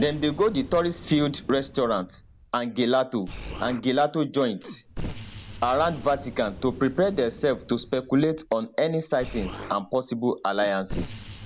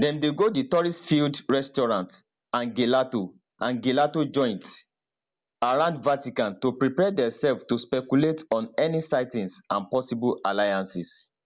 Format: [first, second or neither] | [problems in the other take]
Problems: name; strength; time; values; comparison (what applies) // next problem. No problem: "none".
second | background sound (Explosion); 14 dB below the speech